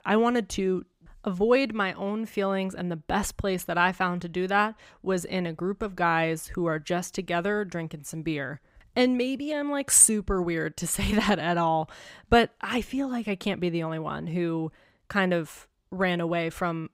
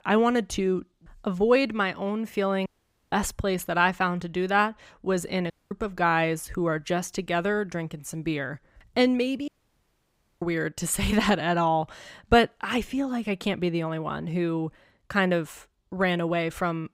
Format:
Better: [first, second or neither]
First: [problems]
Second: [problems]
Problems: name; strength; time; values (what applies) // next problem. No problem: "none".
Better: first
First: none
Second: audio cutting out; at 2.5 s, at 5.5 s and at 9.5 s for 1 s